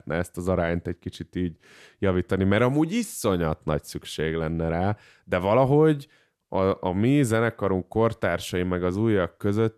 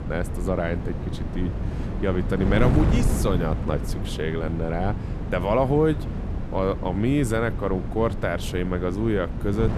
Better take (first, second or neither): first